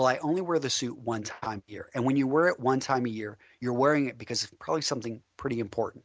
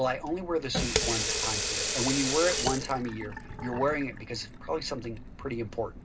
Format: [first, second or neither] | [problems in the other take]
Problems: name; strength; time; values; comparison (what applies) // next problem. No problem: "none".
first | background sound (Sink (filling or washing) / Water tap, faucet); 2 dB below the speech // room echo; dies away in 0.2 s